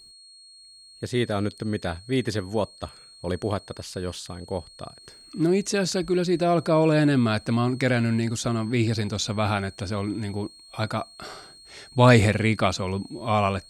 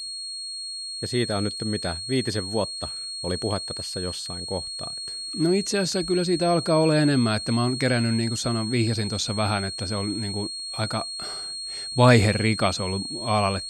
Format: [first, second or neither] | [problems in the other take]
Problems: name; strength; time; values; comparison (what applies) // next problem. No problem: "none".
first | high-pitched whine; loud; throughout; 4.5 kHz, 6 dB below the speech; faint in the first